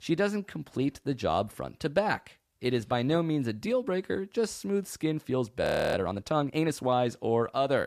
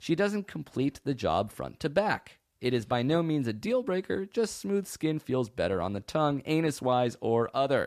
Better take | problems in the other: second | audio freezing; at 5.5 s

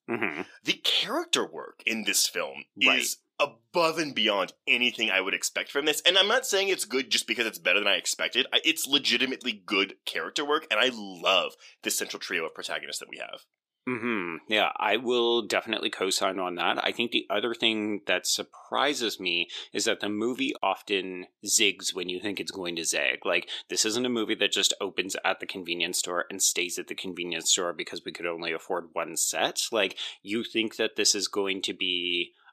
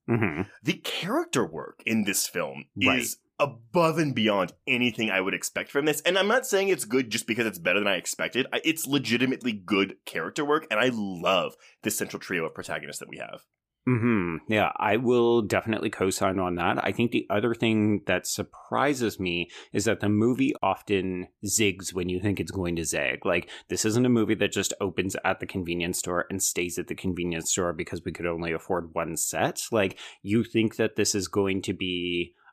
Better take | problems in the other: second | thin; very slightly; fading below 300 Hz

